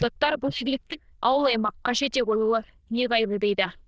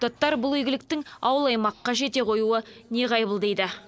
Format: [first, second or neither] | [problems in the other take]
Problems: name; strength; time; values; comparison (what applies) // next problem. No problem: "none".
second | noise reduction (neural diffusion model UNIVERSE++)